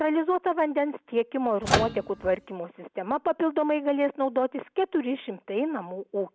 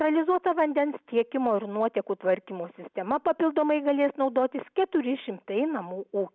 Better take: second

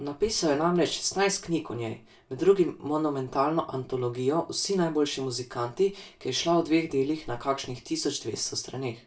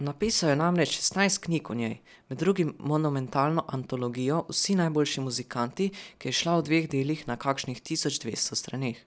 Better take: second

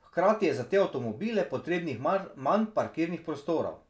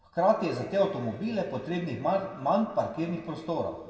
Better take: first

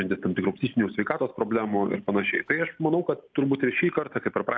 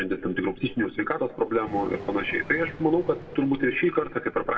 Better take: first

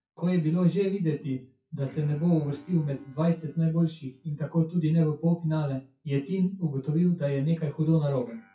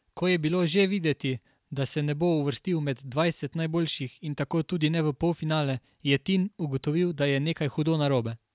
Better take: second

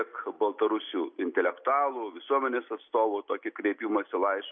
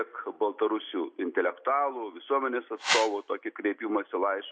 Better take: first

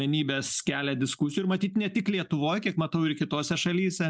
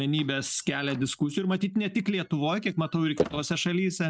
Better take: first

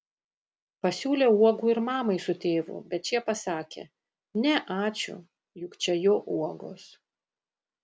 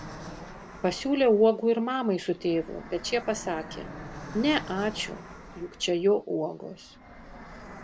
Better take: first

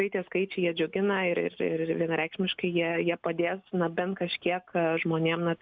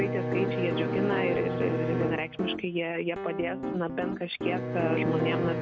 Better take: first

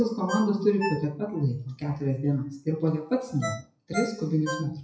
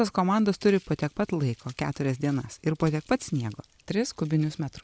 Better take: second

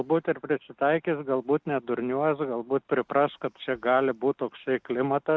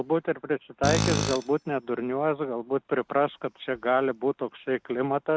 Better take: first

